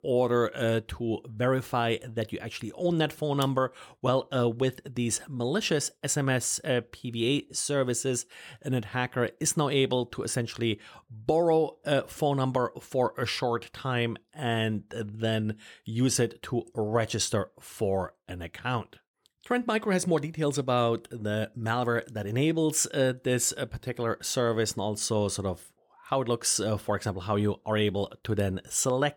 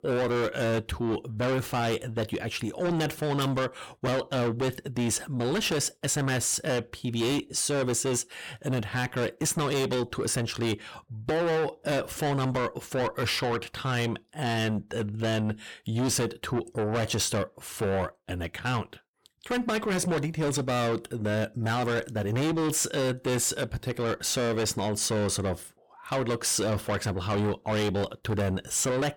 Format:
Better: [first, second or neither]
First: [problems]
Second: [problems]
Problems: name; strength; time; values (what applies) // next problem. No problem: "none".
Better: first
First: none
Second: distortion; heavy; 6 dB below the speech